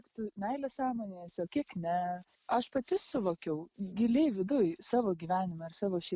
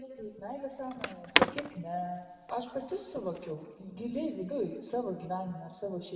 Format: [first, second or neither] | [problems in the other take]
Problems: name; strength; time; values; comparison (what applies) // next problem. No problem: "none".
first | background sound (Skateboard); 2 dB above the speech // room echo; dies away in 1.6 s